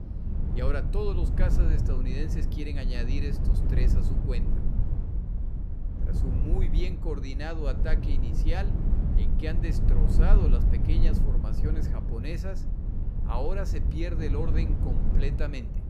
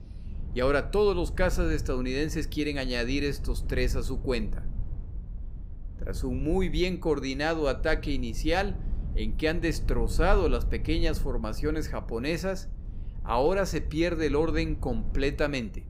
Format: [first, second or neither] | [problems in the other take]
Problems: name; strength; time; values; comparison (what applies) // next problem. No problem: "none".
second | low rumble; loud; throughout; 4 dB below the speech; faint in the second